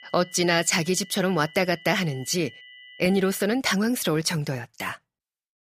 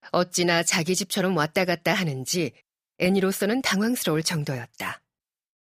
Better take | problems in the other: second | high-pitched whine; faint; until 3.5 s; 2 kHz, 20 dB below the speech

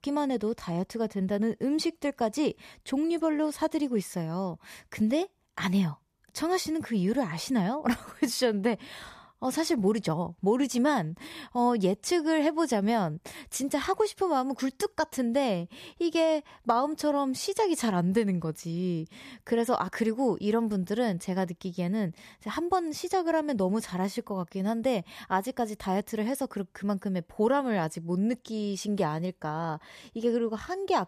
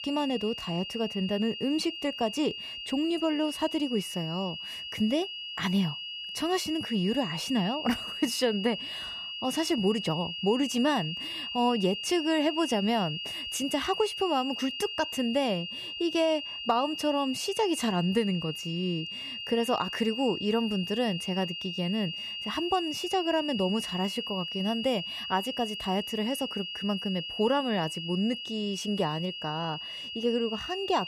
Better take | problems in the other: first | high-pitched whine; loud; throughout; 3 kHz, 5 dB below the speech

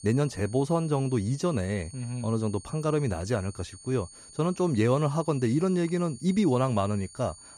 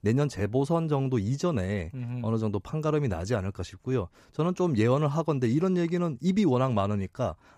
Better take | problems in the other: second | high-pitched whine; noticeable; throughout; 9 kHz, 20 dB below the speech

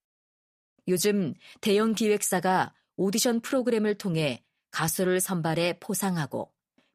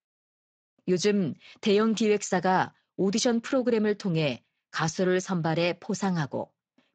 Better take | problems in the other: first | garbled, watery; slightly; nothing above 7.5 kHz

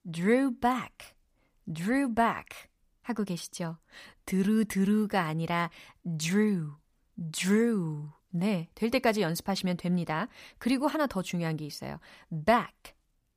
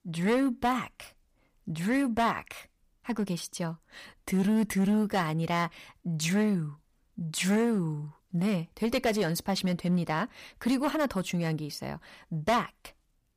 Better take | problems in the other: first | distortion; slight; 6% of the sound clipped

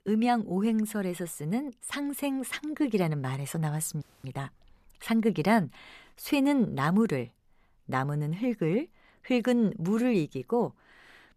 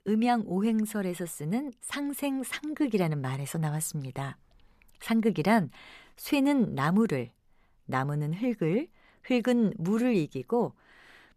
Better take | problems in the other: second | audio freezing; at 4 s

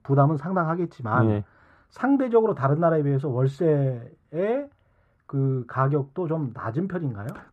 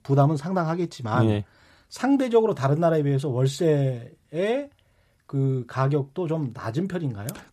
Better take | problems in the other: second | muffled; very; fading above 2.5 kHz

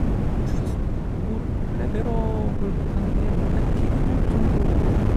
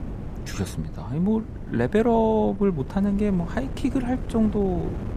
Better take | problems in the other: second | wind noise on the microphone; heavy; 5 dB above the speech; occasional gusts in the second

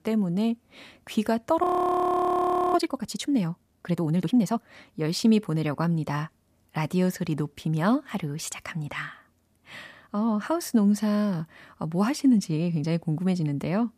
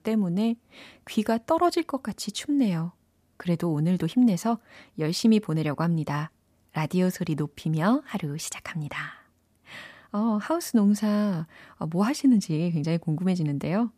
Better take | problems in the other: second | audio freezing; at 1.5 s for 1 s

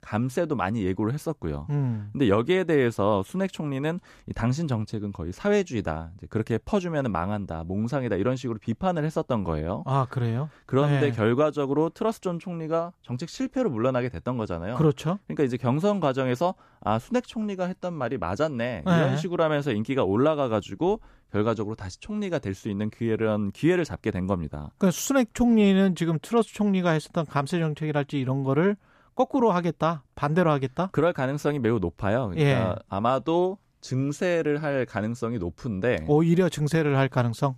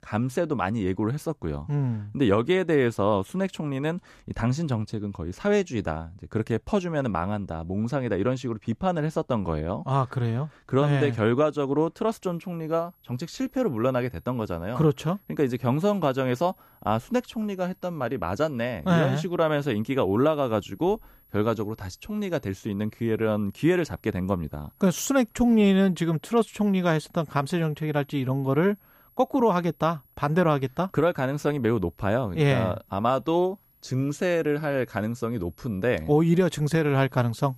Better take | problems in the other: first | high-pitched whine; faint; from 12 s on; 11.5 kHz, 35 dB below the speech

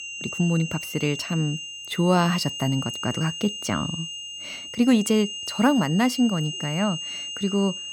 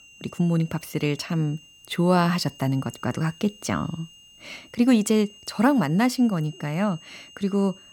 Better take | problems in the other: second | high-pitched whine; loud; throughout; 3 kHz, 7 dB below the speech; faint in the second

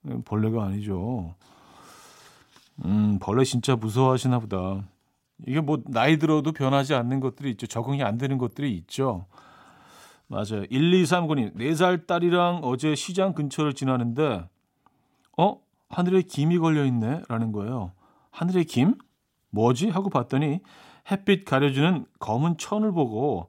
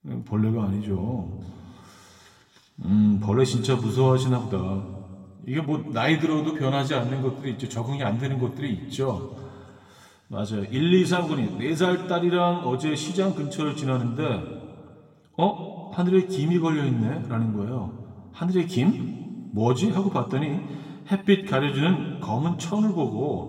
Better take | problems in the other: first | room echo; slight; dies away in 1.6 s // off-mic speech; somewhat distant

